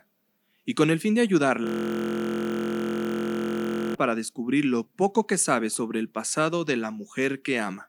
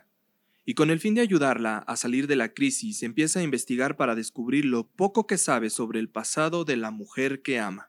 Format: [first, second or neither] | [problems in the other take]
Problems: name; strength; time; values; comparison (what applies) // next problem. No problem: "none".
second | audio freezing; at 1.5 s for 2.5 s